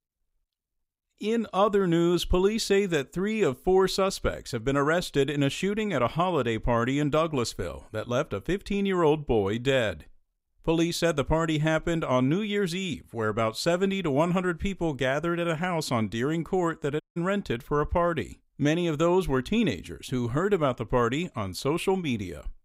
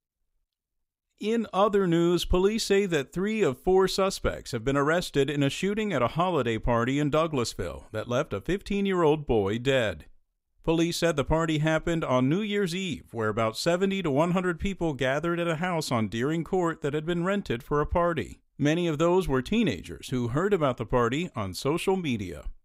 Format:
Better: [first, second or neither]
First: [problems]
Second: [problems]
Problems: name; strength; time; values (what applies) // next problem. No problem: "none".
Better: second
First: audio cutting out; at 17 s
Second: none